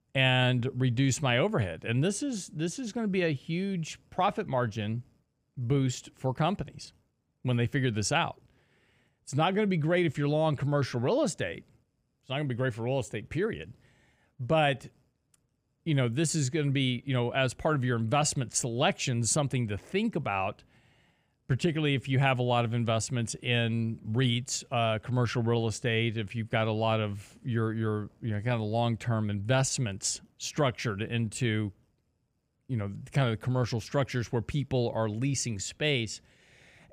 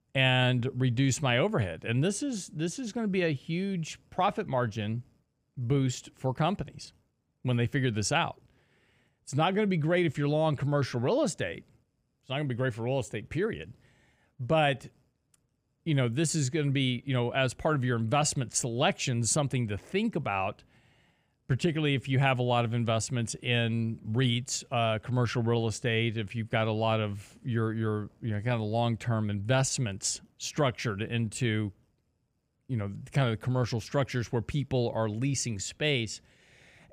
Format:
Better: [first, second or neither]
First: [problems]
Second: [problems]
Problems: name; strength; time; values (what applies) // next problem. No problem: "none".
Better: neither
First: none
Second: none